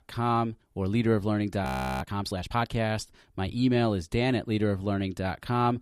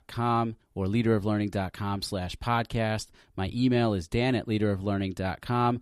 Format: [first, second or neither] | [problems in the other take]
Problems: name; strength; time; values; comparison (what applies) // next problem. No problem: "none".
second | audio freezing; at 1.5 s